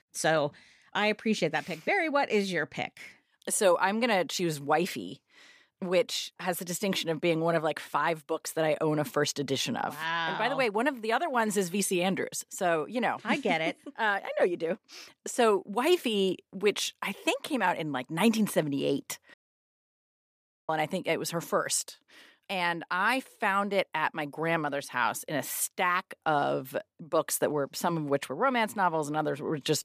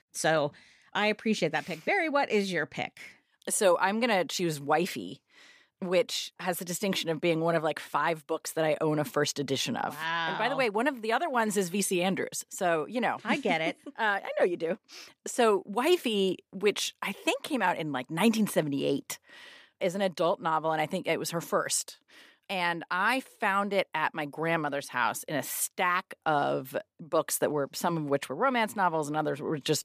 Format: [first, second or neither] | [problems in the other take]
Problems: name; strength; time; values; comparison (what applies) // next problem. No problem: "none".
second | audio cutting out; at 19 s for 1.5 s